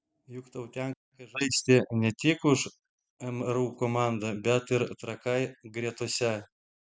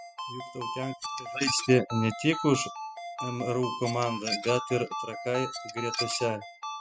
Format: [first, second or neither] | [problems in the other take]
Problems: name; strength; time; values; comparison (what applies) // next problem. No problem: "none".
first | noise reduction (classical method spectral subtraction)